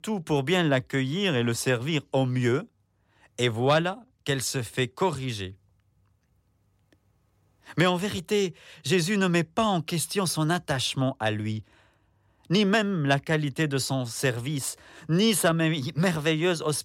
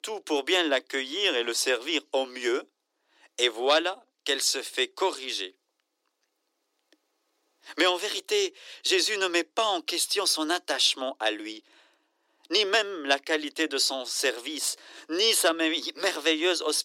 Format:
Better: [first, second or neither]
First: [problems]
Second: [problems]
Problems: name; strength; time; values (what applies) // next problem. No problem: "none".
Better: first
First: none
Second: thin; very; fading below 300 Hz